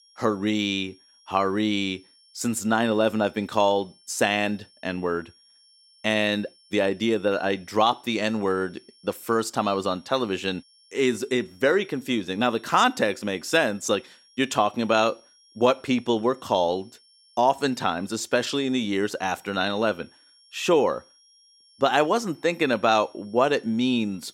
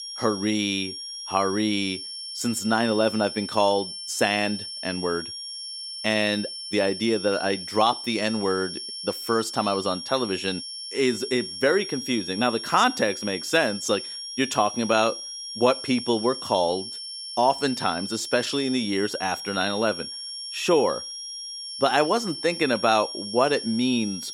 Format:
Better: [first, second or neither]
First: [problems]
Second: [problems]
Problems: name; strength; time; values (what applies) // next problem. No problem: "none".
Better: first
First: high-pitched whine; faint; throughout; 5.5 kHz, 30 dB below the speech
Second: high-pitched whine; loud; throughout; 5.5 kHz, 8 dB below the speech